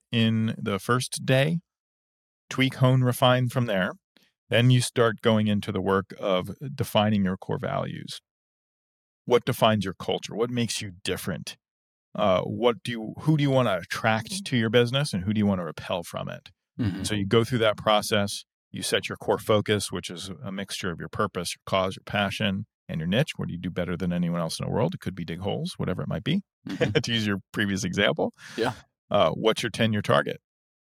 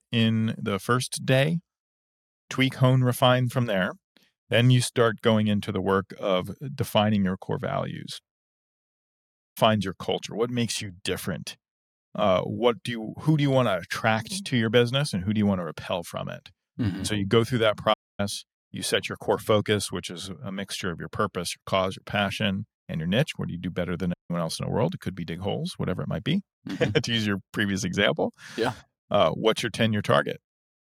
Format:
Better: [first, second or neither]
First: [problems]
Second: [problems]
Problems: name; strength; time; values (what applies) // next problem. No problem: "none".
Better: first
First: none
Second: audio cutting out; at 9 s, at 18 s and at 24 s